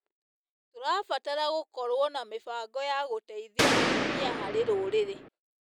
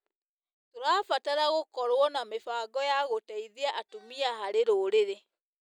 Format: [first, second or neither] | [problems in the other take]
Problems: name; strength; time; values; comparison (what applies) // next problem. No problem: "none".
second | background sound (Gunshot, gunfire); 3 dB above the speech